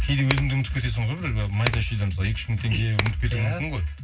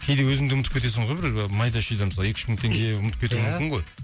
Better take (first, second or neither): second